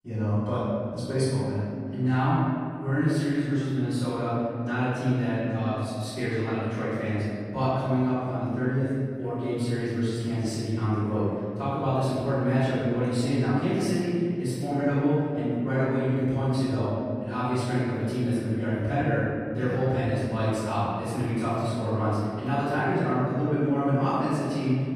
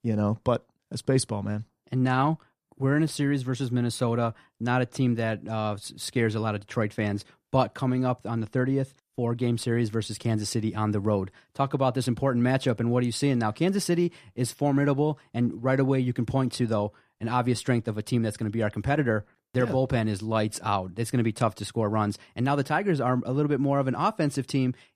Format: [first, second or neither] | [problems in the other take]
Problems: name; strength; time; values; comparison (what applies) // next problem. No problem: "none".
second | room echo; strong; dies away in 2.3 s // off-mic speech; far